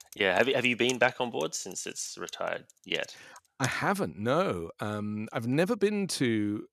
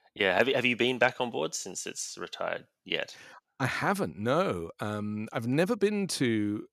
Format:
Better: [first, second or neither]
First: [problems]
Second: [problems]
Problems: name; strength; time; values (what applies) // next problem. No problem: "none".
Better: second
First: keyboard typing; faint; until 3.5 s; peak 10 dB below the speech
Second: none